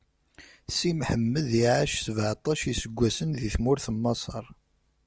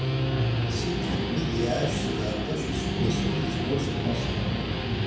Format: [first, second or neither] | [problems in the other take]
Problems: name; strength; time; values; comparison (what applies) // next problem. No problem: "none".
first | background sound (Guitar); 5 dB above the speech // room echo; dies away in 0.8 s